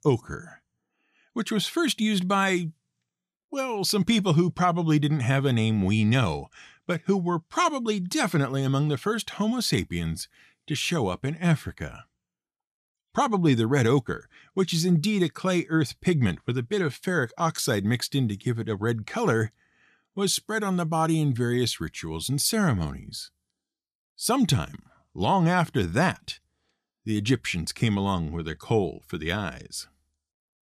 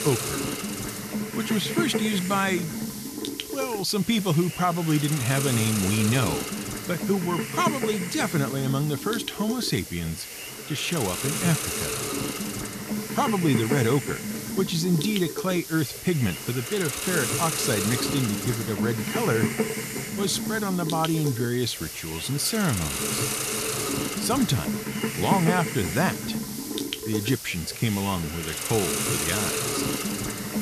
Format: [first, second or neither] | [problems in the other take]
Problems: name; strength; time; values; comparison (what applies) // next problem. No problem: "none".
first | hiss; loud; throughout; 3 dB below the speech